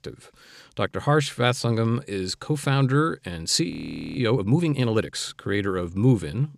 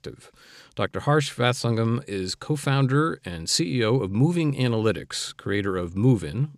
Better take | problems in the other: second | audio freezing; at 3.5 s

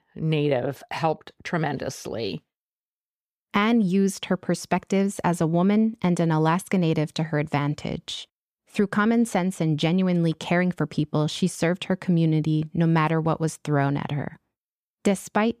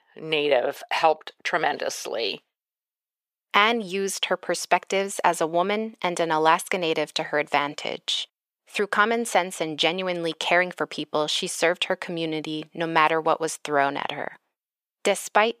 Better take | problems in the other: first | thin; very; fading below 600 Hz

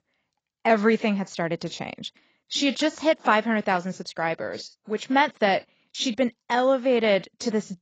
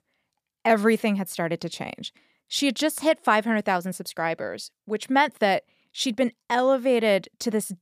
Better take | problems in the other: second | garbled, watery; badly; nothing above 7.5 kHz

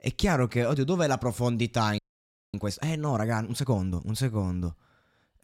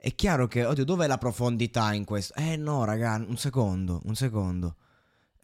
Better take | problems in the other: second | audio freezing; at 2 s for 0.5 s

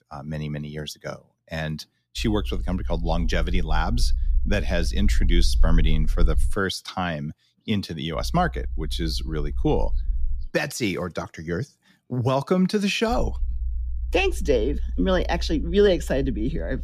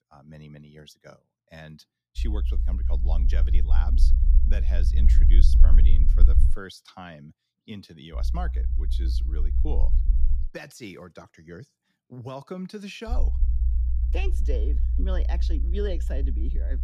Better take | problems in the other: first | low rumble; loud; from 2 to 6.5 s, from 8 to 10 s and from 13 s on; 5 dB below the speech; faint in the first

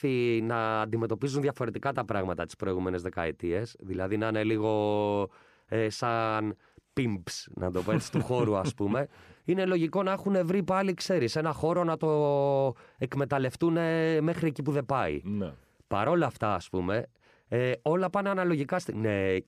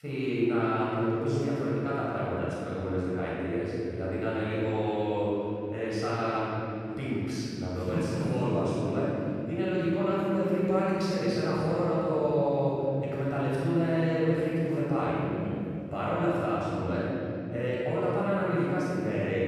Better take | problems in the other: first | off-mic speech; far // room echo; strong; dies away in 3 s

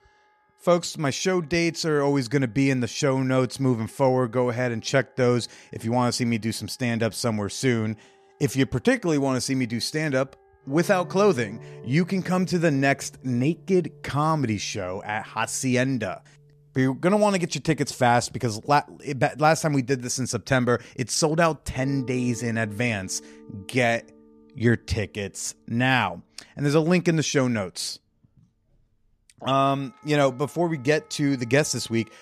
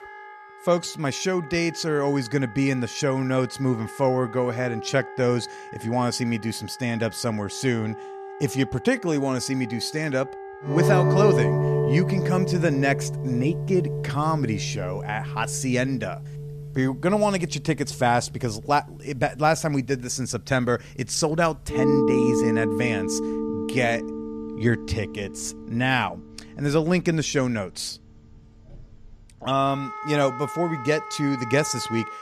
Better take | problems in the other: first | background music; loud; throughout; 4 dB below the speech; faint in the first

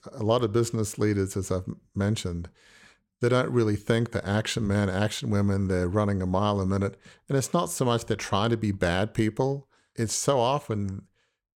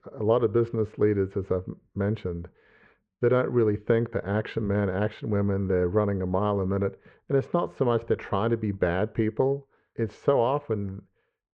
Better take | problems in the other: first | muffled; very; fading above 2 kHz

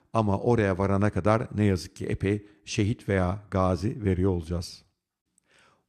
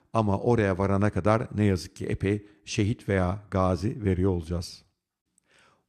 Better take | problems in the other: neither | none

